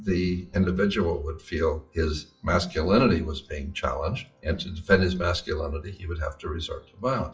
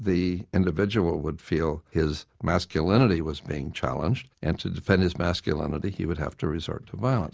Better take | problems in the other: second | noise reduction (classical method WPE with log-MMSE)

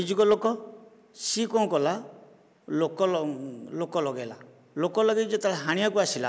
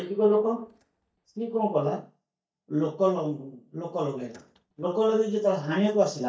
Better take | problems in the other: first | noise reduction (neural mask model DeepFilterNet 3)

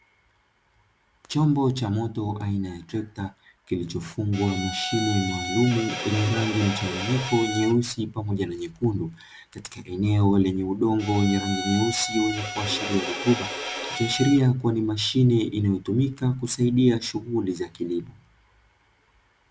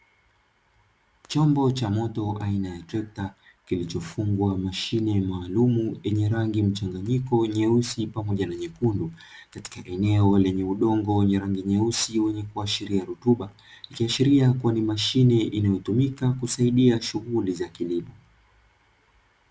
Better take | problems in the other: second | background sound (Bowed string instrument); 7 dB below the speech

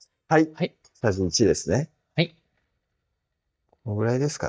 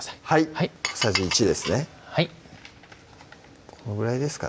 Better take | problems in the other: second | noise reduction (neural mask model DeepFilterNet 3)

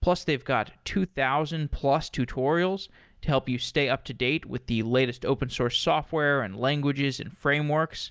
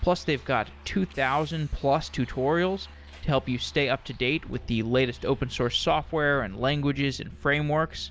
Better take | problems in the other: first | background sound (Bus + Musical instrument); 18 dB below the speech

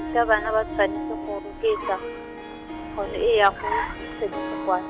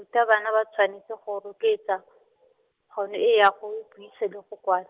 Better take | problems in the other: second | background sound (Harp + Car); 6 dB below the speech

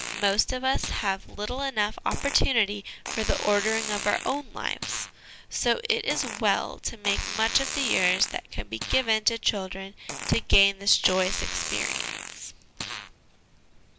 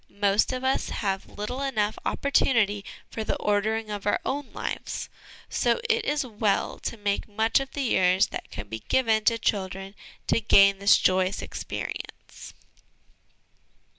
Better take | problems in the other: second | background sound (Fart); 9 dB below the speech

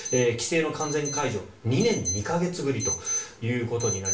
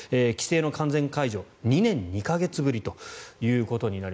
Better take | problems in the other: second | background sound (Alarm); 7 dB below the speech // room echo; dies away in 0.3 s

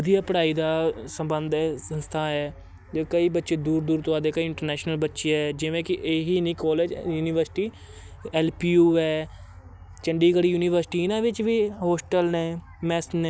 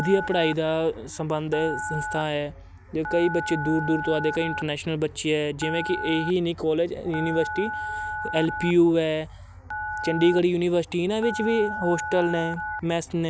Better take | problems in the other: first | background sound (Telephone); 8 dB below the speech

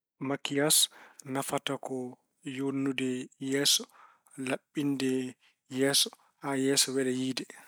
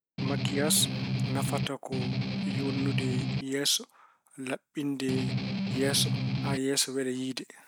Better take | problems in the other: first | background sound (Strum); 2 dB above the speech

